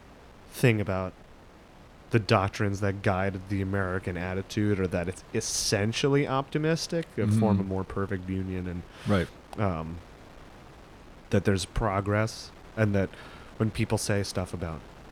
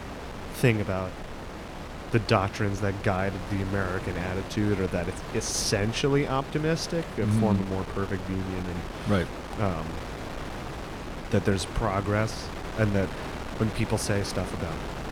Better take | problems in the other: first | wind noise on the microphone; heavy; 8 dB below the speech; occasional gusts in the first

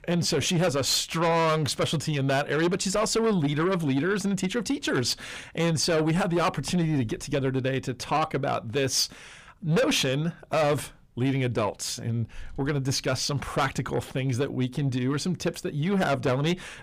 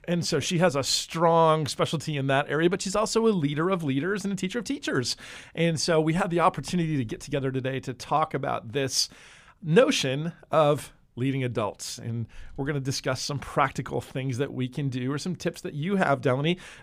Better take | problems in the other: second | distortion; heavy; 8 dB below the speech

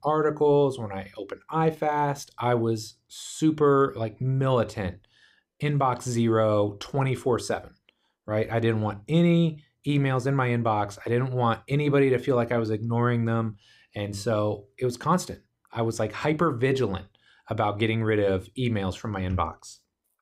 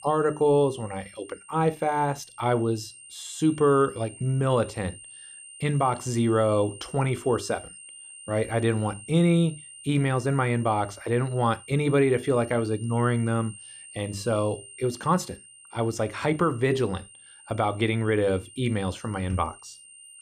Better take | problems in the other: first | high-pitched whine; noticeable; throughout; 8.5 kHz, 20 dB below the speech

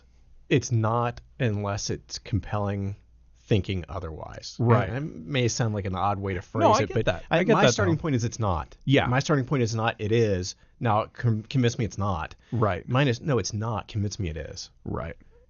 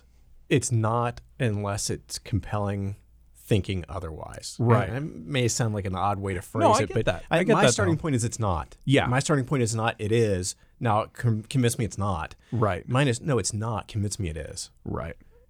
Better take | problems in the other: second | garbled, watery; slightly; nothing above 6.5 kHz

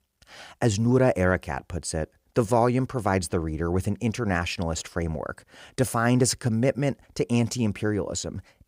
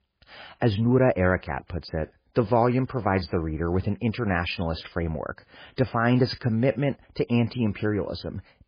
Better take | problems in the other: first | garbled, watery; badly; nothing above 5 kHz

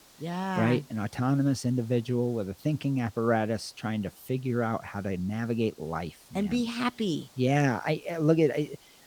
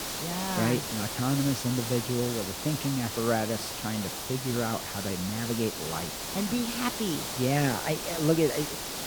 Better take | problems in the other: first | hiss; loud; throughout; 3 dB below the speech; faint in the first

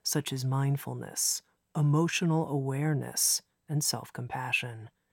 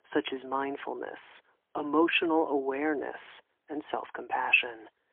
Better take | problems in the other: first | phone-call audio; poor line

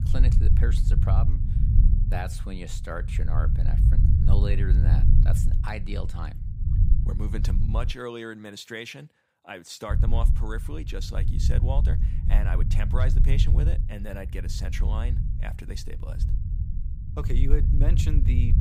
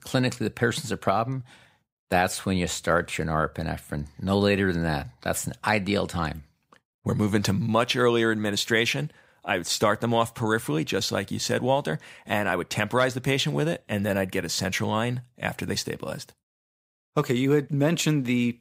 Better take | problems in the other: second | low rumble; loud; until 8 s and from 10 s on; 4 dB below the speech

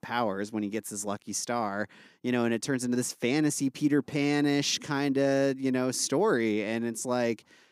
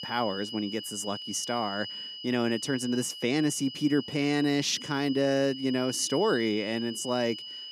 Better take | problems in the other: first | high-pitched whine; loud; throughout; 3 kHz, 9 dB below the speech

